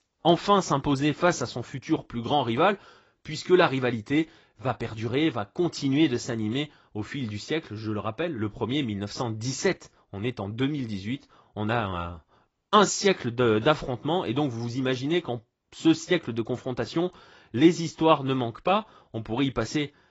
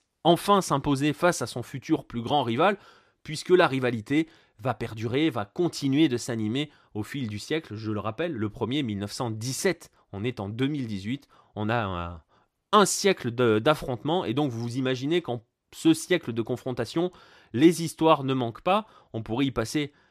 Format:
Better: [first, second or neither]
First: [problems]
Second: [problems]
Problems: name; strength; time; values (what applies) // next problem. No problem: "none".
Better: second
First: garbled, watery; badly; nothing above 7.5 kHz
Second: none